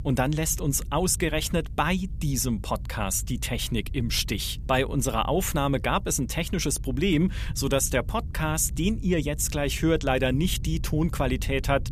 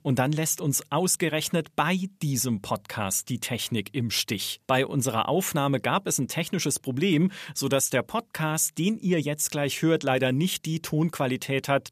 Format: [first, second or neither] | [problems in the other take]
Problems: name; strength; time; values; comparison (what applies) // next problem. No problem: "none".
second | low rumble; faint; throughout; 25 dB below the speech